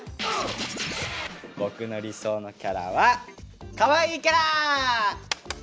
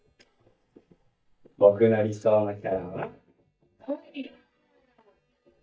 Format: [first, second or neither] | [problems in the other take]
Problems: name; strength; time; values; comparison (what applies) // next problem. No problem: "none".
first | noise reduction (neural mask model DeepFilterNet 3)